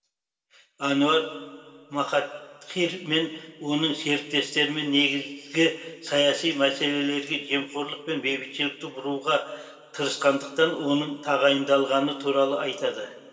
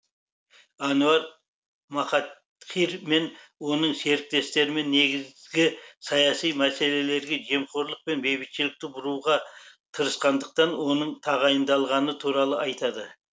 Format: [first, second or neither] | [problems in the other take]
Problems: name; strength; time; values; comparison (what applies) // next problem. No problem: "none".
second | room echo; dies away in 2.5 s